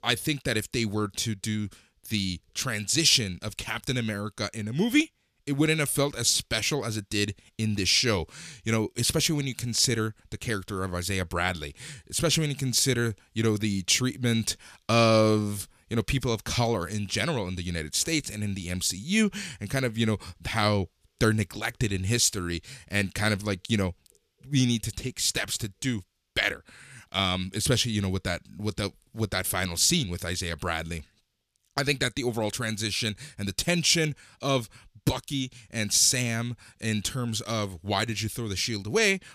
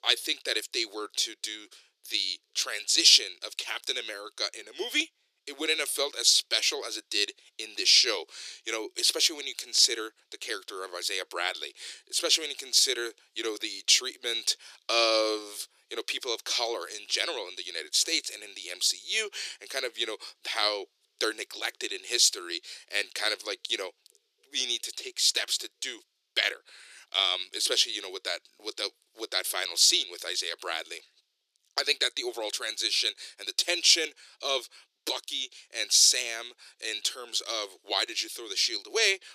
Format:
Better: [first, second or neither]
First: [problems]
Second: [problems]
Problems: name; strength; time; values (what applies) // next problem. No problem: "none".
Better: first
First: none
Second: thin; very; fading below 350 Hz